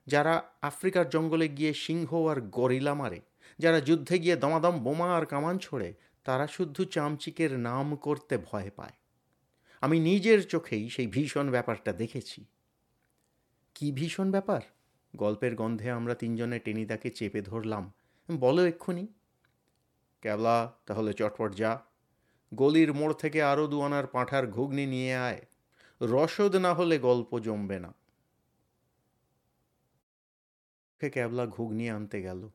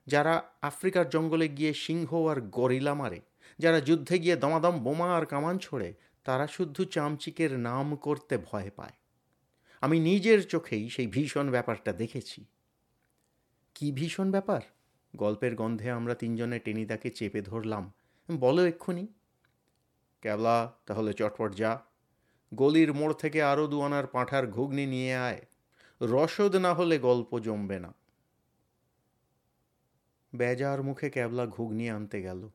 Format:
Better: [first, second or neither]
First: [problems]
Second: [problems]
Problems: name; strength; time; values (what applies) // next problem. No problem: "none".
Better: second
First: audio cutting out; at 30 s for 1 s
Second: none